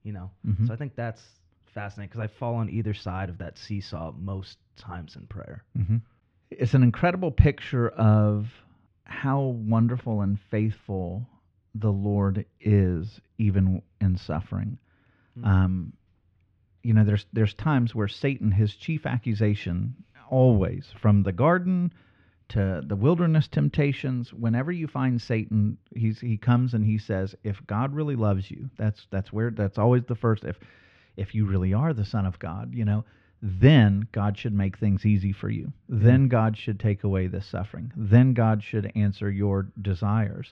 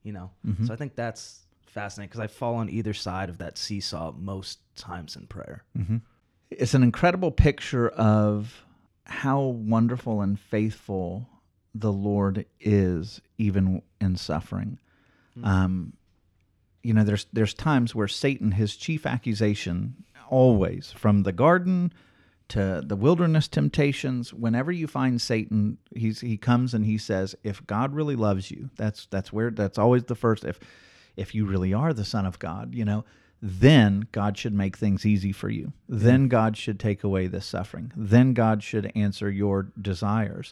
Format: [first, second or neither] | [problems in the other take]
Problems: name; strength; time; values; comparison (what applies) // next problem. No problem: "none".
second | muffled; slightly; fading above 3 kHz